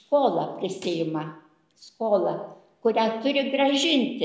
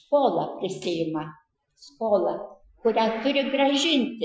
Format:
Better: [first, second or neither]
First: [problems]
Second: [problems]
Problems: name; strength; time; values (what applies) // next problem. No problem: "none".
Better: first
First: none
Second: noise reduction (classical method Wiener filter)